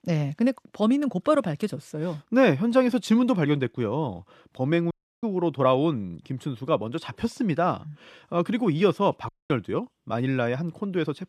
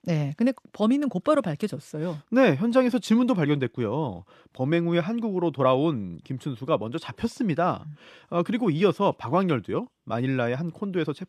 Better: second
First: audio cutting out; at 5 s and at 9.5 s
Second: none

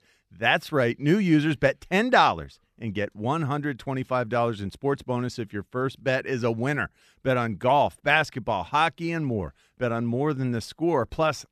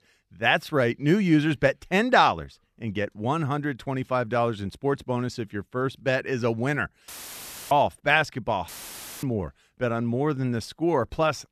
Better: first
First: none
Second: audio cutting out; filled with static; at 7 s for 0.5 s and at 8.5 s for 0.5 s

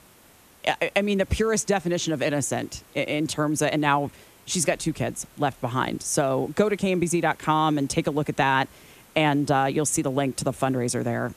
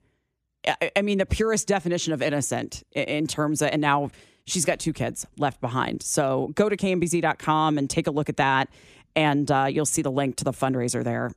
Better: second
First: hiss; faint; throughout; 25 dB below the speech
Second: none

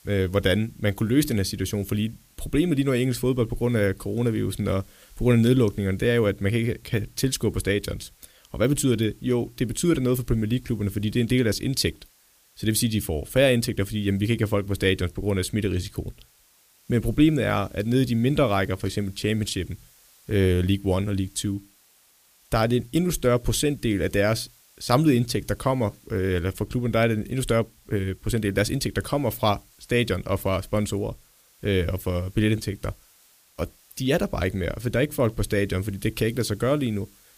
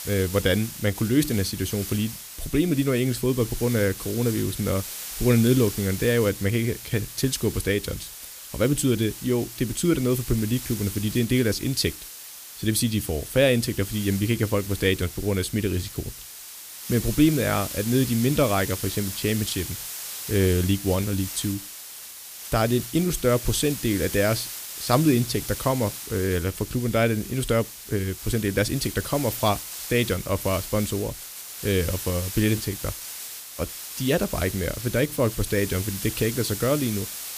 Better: first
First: hiss; faint; throughout; 30 dB below the speech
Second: hiss; loud; throughout; 9 dB below the speech

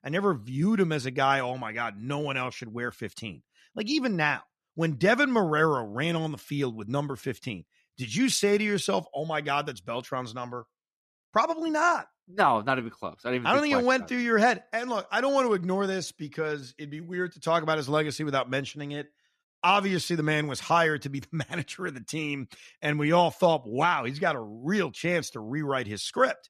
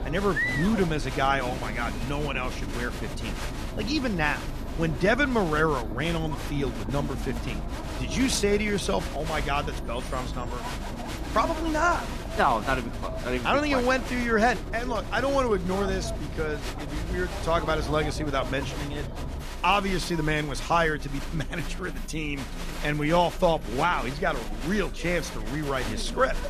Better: first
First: none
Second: crowd noise; loud; throughout; 7 dB below the speech

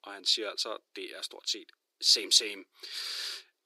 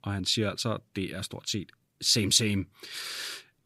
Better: second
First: thin; very; fading below 350 Hz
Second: none

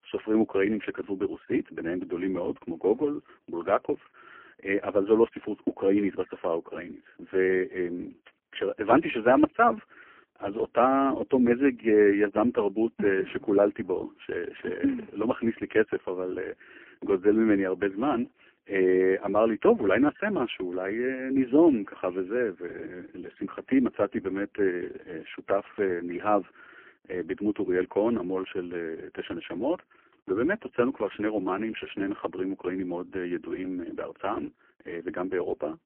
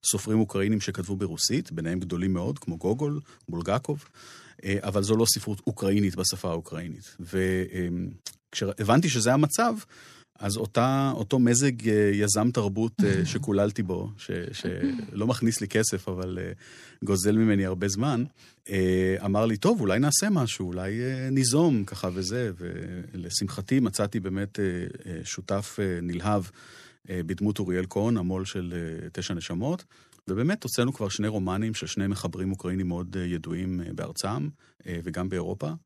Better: second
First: phone-call audio; poor line; nothing above 3 kHz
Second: none

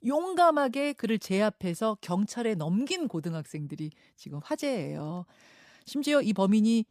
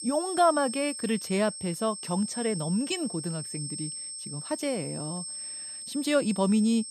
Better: first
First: none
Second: high-pitched whine; loud; throughout; 8.5 kHz, 7 dB below the speech

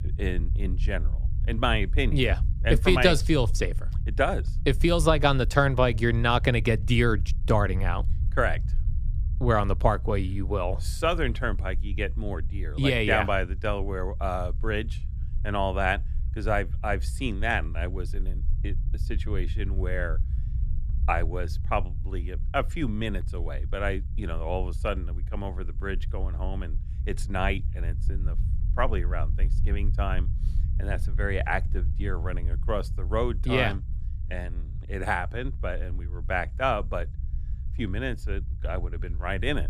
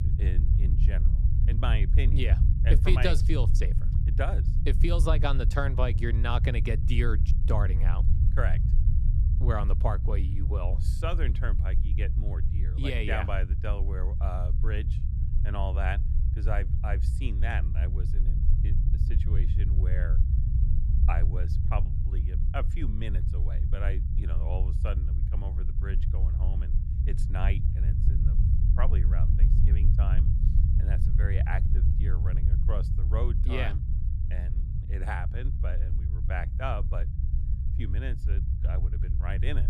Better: first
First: low rumble; faint; throughout; 20 dB below the speech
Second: low rumble; loud; throughout; 8 dB below the speech

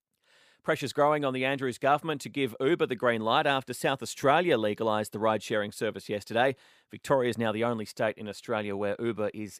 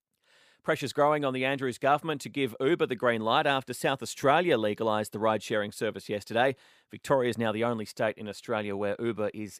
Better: neither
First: none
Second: none

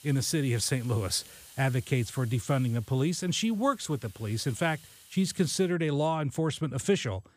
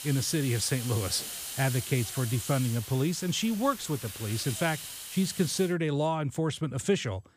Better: first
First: hiss; faint; until 5.5 s; 20 dB below the speech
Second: hiss; loud; until 5.5 s; 8 dB below the speech

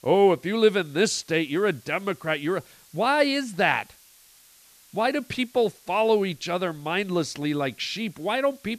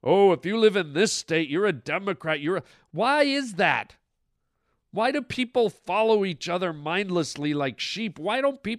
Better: second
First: hiss; faint; throughout; 25 dB below the speech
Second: none

